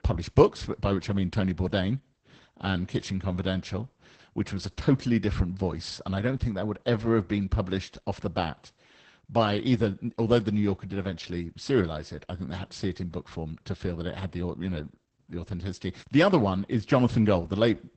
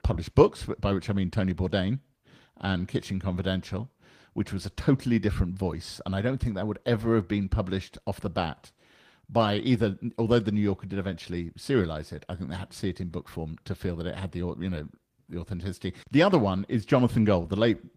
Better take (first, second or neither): second